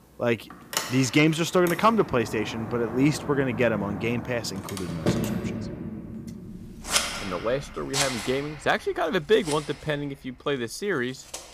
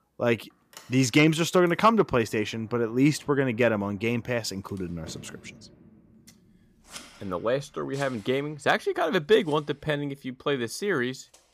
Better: second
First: household noises; loud; throughout; 6 dB below the speech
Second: household noises; faint; throughout; 25 dB below the speech

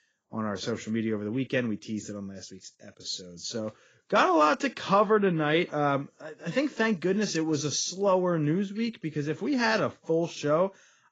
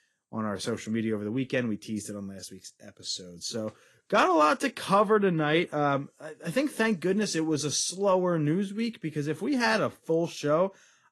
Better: second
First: garbled, watery; badly; nothing above 6 kHz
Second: garbled, watery; slightly; nothing above 11 kHz

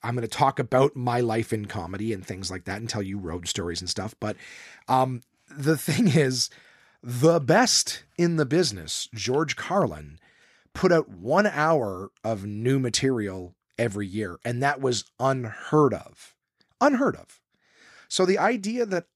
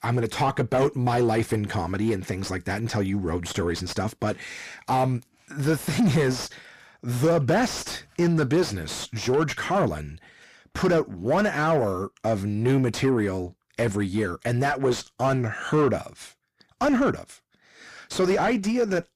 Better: first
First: none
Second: distortion; heavy; 7 dB below the speech

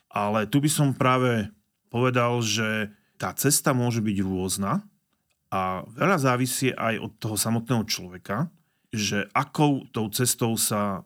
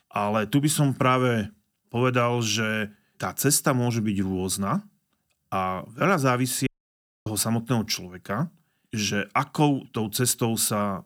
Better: first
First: none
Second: audio cutting out; at 6.5 s for 0.5 s

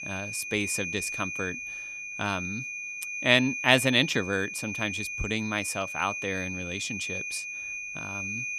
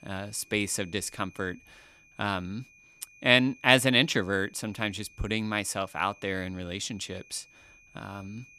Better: second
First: high-pitched whine; loud; throughout; 2.5 kHz, 5 dB below the speech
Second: high-pitched whine; faint; throughout; 2.5 kHz, 25 dB below the speech

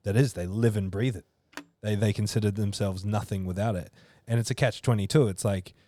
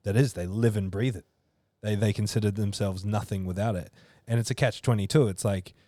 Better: second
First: phone ringing; faint; at 1.5 s; peak 20 dB below the speech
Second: none

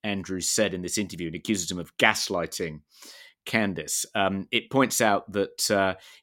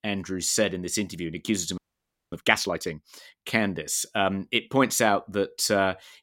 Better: first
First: none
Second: audio freezing; at 2 s for 0.5 s

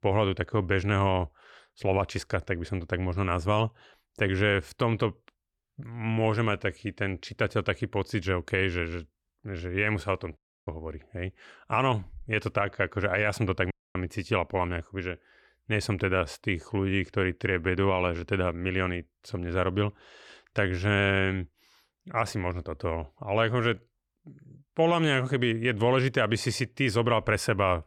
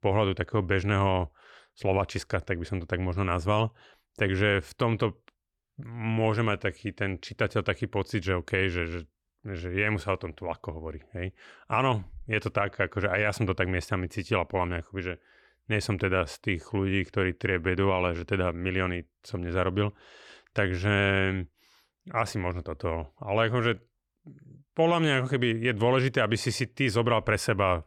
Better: second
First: audio cutting out; at 10 s and at 14 s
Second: none

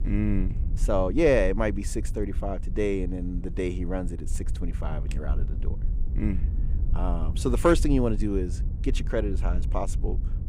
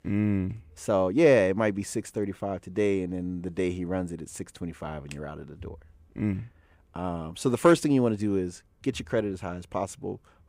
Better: second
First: wind noise on the microphone; occasional gusts; 20 dB below the speech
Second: none

